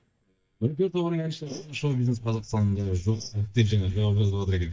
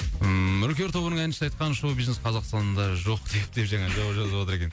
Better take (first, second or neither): second